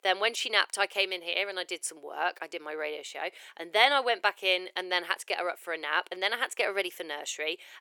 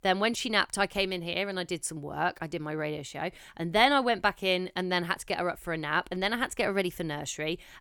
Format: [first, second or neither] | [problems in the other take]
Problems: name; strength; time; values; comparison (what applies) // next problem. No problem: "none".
second | thin; very; fading below 450 Hz